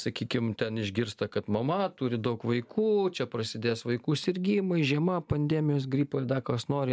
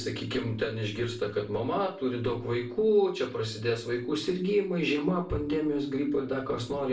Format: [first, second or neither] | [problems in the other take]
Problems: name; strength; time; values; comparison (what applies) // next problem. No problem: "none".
first | room echo; dies away in 0.4 s